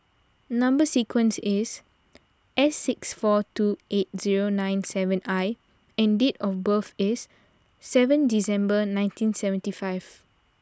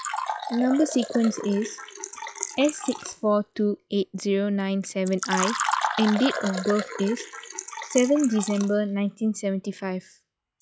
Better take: first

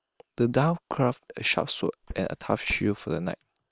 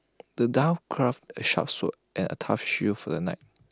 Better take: second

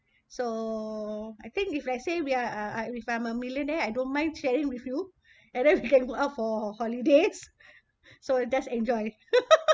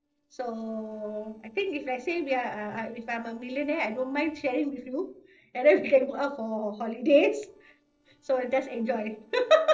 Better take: first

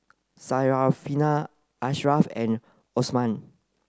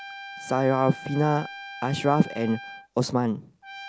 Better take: first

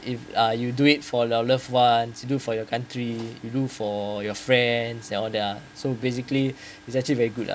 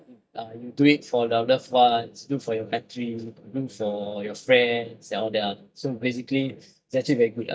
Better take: first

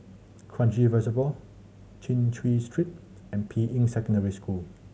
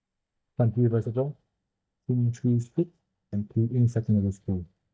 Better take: first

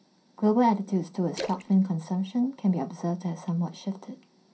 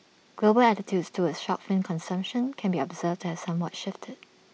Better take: second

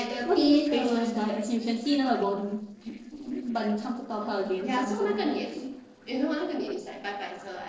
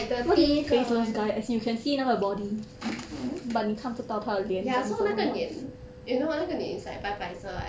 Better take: second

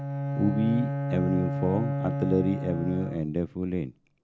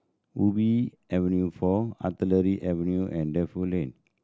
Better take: second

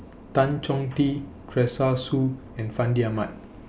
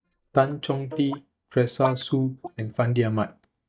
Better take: first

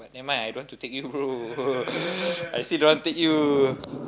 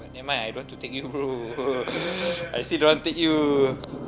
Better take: first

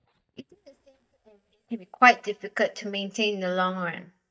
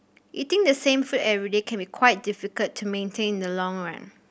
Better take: second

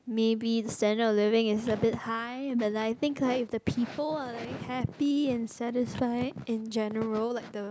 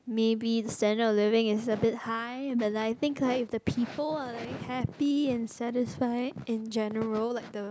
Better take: second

